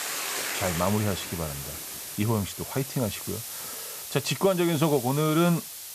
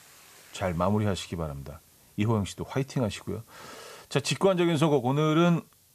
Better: second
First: hiss; loud; throughout; 6 dB below the speech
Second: hiss; faint; throughout; 30 dB below the speech

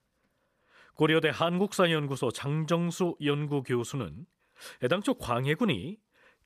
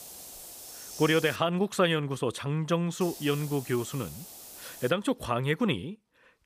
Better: first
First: none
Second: hiss; noticeable; until 1.5 s and from 3 to 5 s; 15 dB below the speech

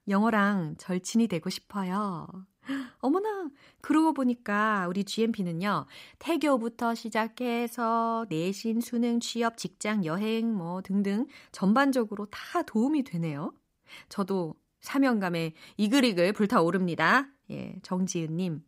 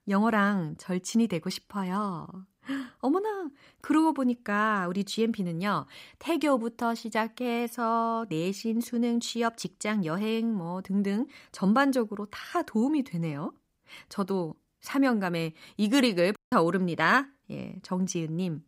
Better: first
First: none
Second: audio cutting out; at 16 s

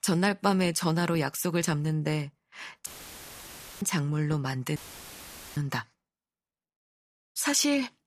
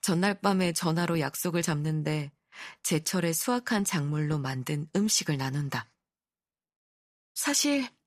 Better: second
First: audio cutting out; filled with static; at 3 s for 1 s and at 5 s for 1 s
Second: none

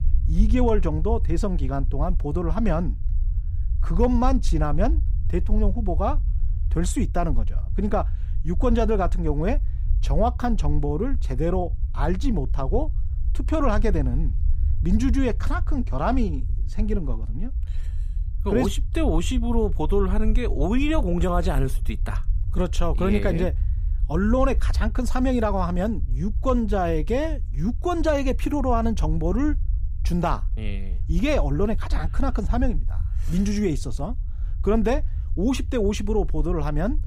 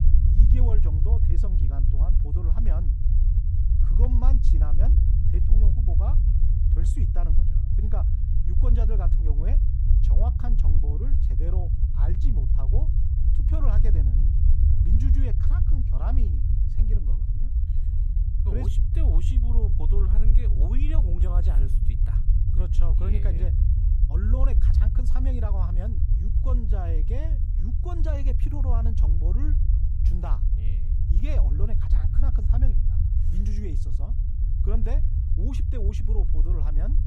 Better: first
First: low rumble; faint; throughout; 20 dB below the speech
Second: low rumble; loud; throughout; 1 dB below the speech

